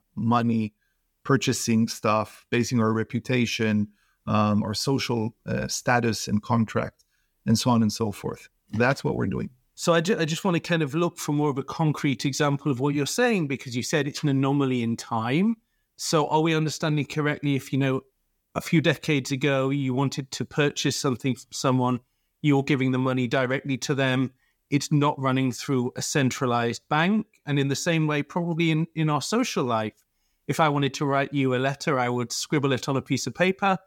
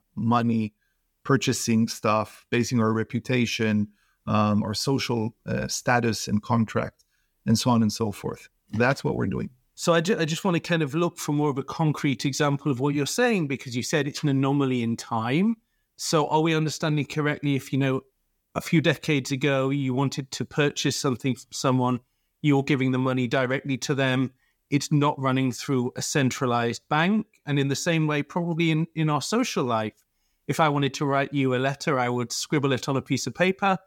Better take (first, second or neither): neither